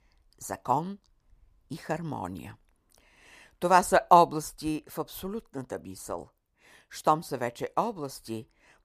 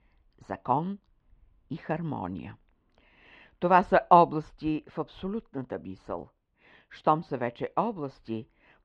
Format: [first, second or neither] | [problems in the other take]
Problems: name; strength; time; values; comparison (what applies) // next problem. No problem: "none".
first | muffled; very; fading above 3 kHz